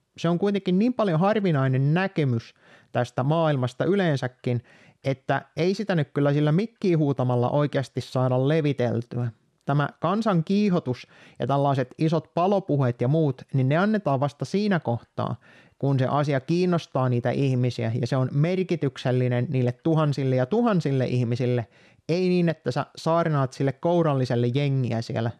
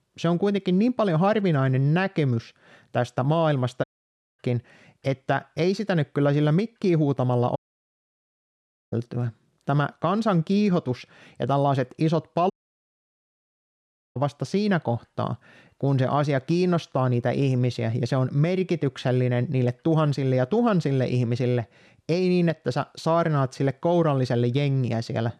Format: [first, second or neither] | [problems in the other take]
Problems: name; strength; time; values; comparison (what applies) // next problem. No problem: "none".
first | audio cutting out; at 4 s for 0.5 s, at 7.5 s for 1.5 s and at 13 s for 1.5 s